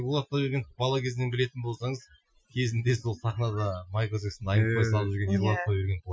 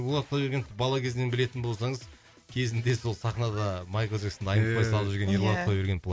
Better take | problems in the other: second | noise reduction (classical method Wiener filter)

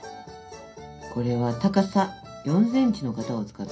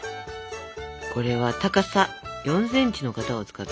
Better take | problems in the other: second | room echo; dies away in 0.3 s

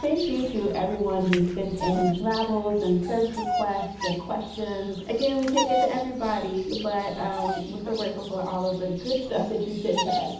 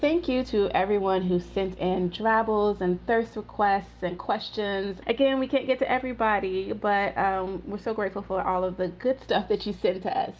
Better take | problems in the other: second | background sound (Bird vocalization, bird call, bird song); 7 dB below the speech // room echo; dies away in 0.8 s

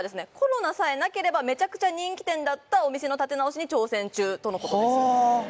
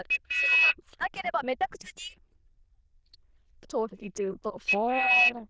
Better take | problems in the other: first | noise reduction (neural diffusion model UNIVERSE++)

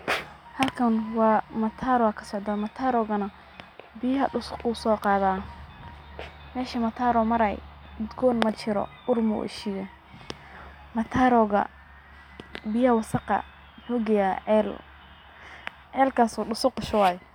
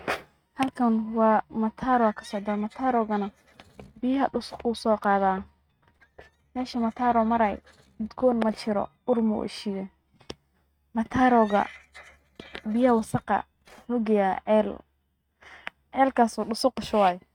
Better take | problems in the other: first | noise reduction (neural mask model RNNoise)

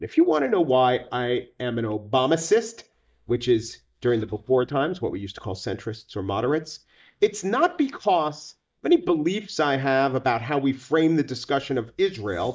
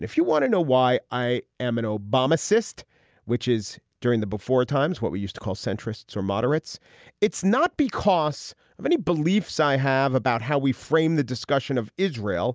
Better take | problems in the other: second | noise reduction (neural mask model DeepFilterNet 3)

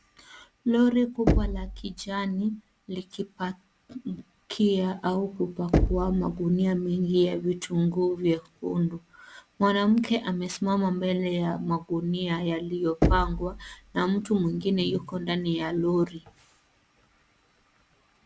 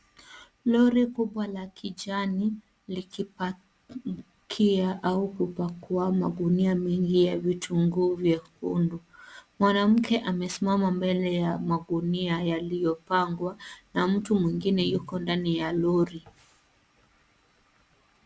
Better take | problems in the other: second | background sound (Knock); 3 dB below the speech

